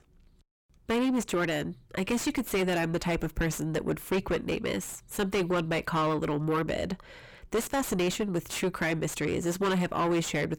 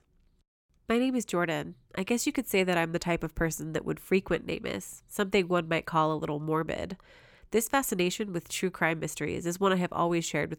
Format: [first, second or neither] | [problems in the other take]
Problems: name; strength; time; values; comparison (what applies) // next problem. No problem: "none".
second | distortion; heavy; 5 dB below the speech